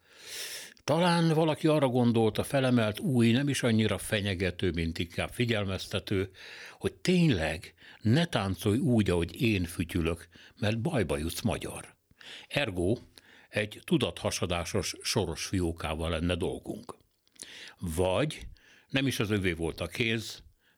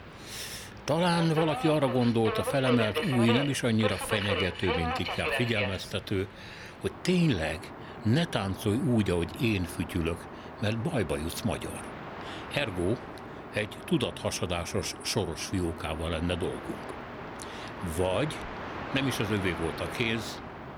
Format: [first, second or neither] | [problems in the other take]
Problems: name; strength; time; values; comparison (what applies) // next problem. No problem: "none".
first | train or aircraft noise; loud; throughout; 7 dB below the speech